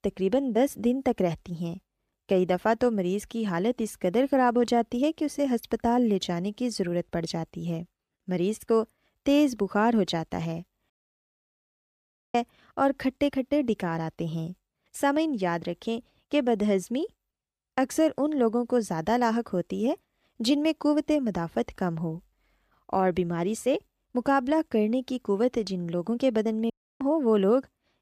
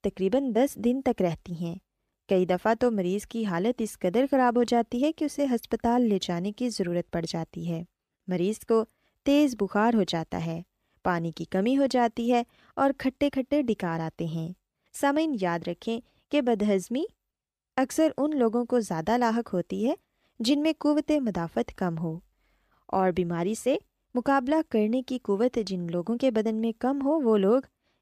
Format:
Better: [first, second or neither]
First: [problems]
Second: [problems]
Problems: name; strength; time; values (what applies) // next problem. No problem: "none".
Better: second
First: audio cutting out; at 11 s for 1.5 s and at 27 s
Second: none